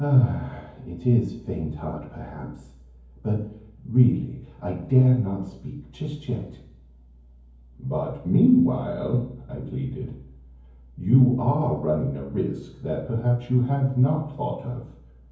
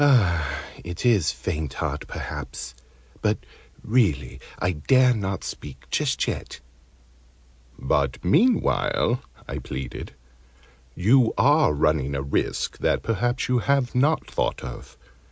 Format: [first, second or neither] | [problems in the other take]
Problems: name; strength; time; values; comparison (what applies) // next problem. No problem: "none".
second | room echo; dies away in 0.9 s